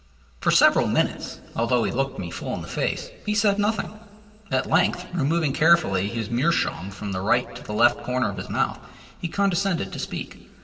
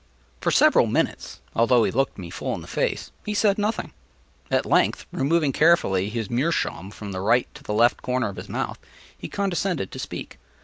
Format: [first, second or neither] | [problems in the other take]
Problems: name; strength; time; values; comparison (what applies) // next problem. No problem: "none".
second | room echo; dies away in 1.9 s